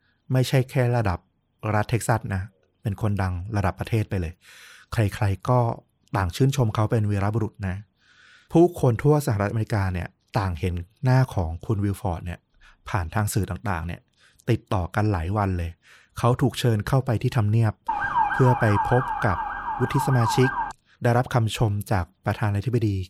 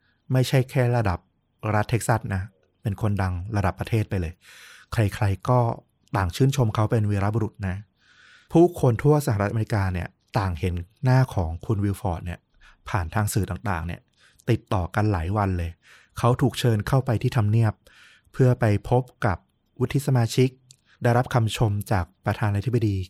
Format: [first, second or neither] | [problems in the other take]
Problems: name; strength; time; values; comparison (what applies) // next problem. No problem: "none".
second | siren; loud; from 18 to 21 s; peak 2 dB above the speech